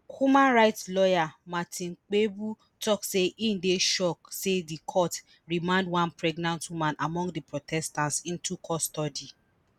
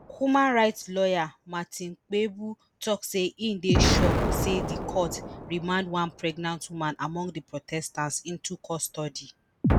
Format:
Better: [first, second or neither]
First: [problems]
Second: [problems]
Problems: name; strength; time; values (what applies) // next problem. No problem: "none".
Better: first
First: none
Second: background sound (Explosion); 2 dB below the speech